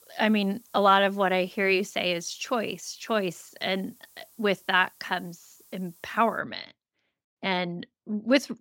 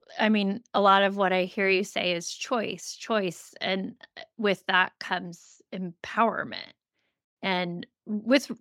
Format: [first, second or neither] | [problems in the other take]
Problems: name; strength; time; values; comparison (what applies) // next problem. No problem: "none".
second | hiss; faint; until 6.5 s; 30 dB below the speech